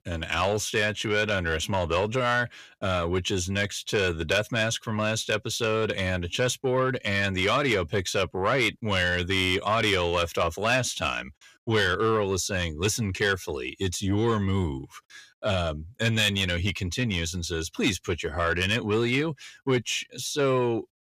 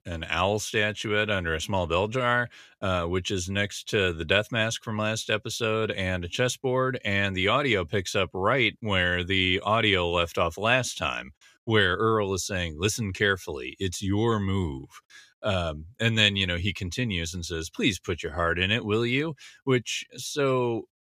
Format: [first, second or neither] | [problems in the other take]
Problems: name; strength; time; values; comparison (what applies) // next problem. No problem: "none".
second | distortion; slight; 10 dB below the speech